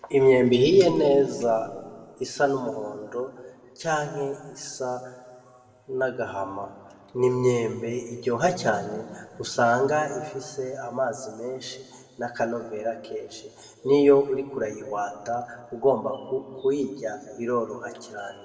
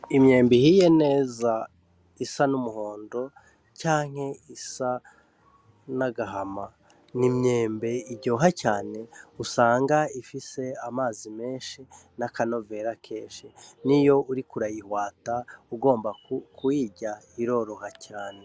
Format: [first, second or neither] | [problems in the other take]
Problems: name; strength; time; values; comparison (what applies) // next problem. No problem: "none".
second | room echo; dies away in 1.5 s